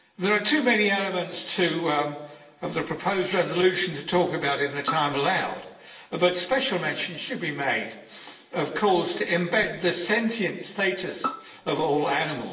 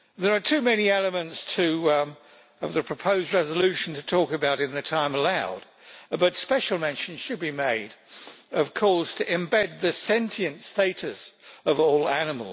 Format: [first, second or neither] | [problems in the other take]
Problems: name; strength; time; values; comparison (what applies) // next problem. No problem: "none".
second | background sound (Bowed string instrument); 11 dB below the speech // room echo; dies away in 0.8 s